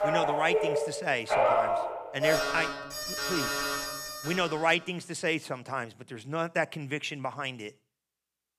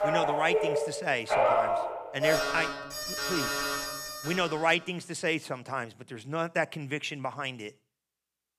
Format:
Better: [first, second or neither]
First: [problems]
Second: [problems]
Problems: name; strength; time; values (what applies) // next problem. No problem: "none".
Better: neither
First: alarms or sirens; very loud; until 4.5 s; 2 dB above the speech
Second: alarms or sirens; very loud; until 4.5 s; 2 dB above the speech